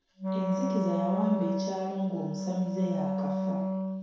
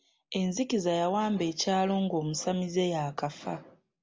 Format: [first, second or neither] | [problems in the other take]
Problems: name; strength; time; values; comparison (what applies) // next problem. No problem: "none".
second | background sound (Wind instrument, woodwind instrument); 2 dB above the speech // room echo; dies away in 0.7 s